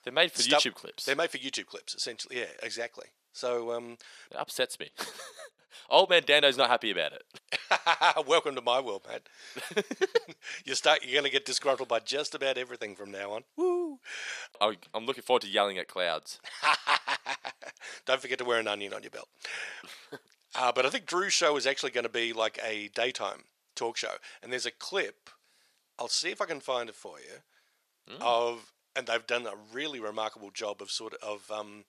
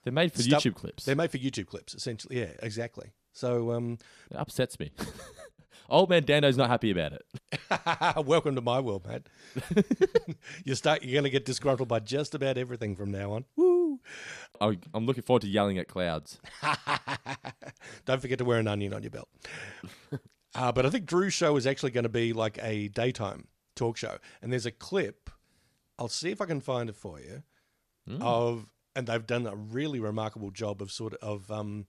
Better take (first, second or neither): second